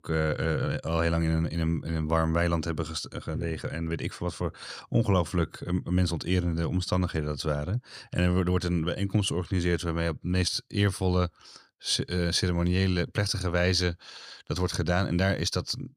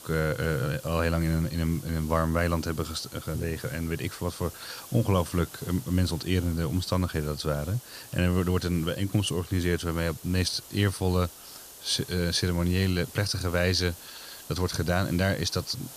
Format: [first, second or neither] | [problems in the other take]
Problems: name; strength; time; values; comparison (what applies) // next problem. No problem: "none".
first | hiss; noticeable; throughout; 15 dB below the speech